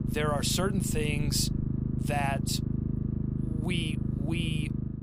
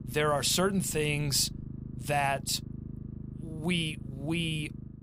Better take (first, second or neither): second